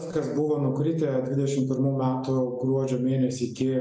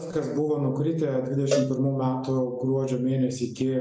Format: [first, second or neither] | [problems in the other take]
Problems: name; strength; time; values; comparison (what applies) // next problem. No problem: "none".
first | background sound (Cowbell); 9 dB below the speech